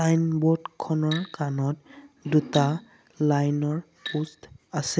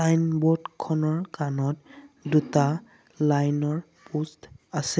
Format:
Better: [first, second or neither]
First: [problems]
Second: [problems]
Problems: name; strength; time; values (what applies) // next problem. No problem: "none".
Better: second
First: background sound (Glass); 18 dB below the speech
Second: none